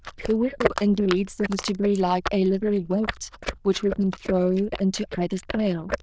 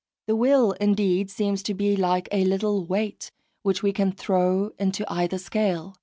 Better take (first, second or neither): second